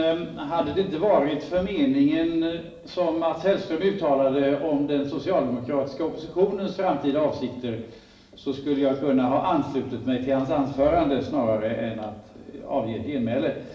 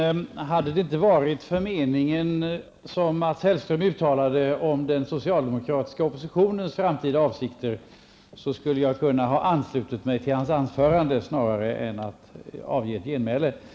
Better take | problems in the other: second | room echo; dies away in 0.9 s

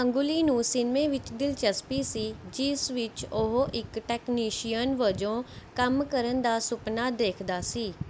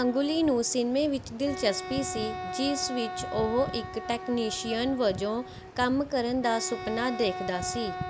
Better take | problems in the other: first | background sound (Wind instrument, woodwind instrument); 10 dB below the speech

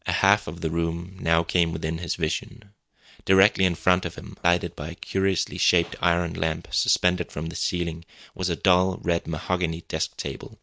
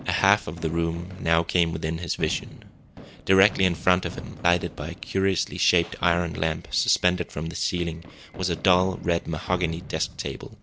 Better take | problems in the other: first | background sound (Fireworks); 17 dB below the speech

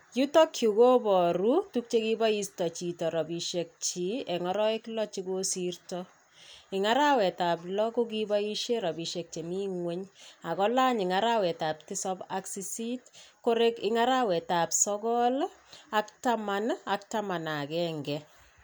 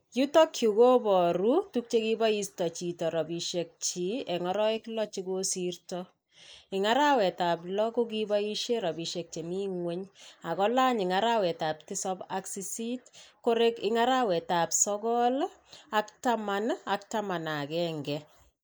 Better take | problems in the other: first | noise reduction (neural mask model Resemble Enhance denoiser)

